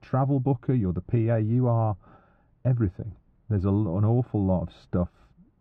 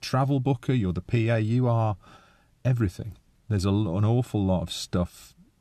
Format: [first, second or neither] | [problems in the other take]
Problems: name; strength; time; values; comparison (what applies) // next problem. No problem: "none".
second | muffled; very; fading above 3 kHz